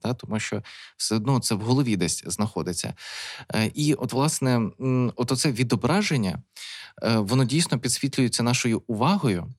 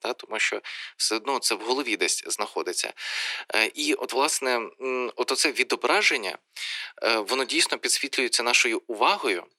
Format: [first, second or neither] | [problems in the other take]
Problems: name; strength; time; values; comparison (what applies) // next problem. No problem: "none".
first | thin; very; fading below 350 Hz